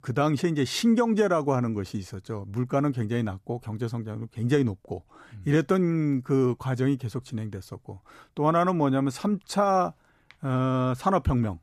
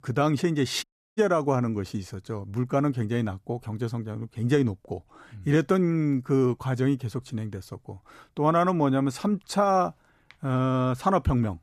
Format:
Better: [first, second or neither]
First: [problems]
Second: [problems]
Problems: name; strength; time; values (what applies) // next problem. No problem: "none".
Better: first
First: none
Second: audio cutting out; at 1 s